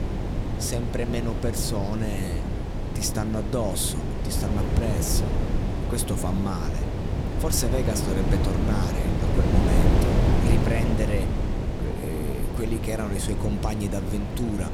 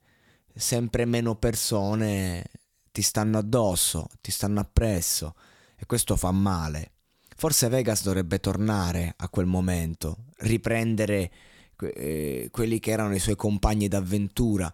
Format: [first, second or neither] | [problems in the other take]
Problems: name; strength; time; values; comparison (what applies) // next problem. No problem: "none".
second | wind noise on the microphone; heavy; 1 dB below the speech